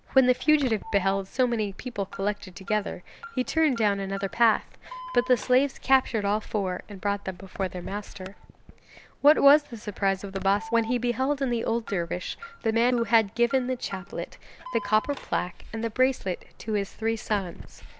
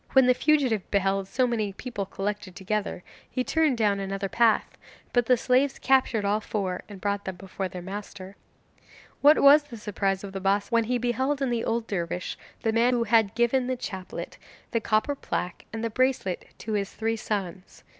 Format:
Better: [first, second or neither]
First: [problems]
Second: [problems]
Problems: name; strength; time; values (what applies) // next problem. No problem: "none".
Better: second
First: background sound (Alarm); 16 dB below the speech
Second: none